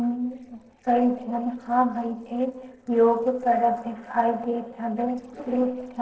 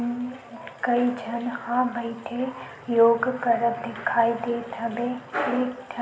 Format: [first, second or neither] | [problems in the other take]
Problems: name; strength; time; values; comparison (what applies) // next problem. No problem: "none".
second | noise reduction (neural separator model SepFormer DNS4)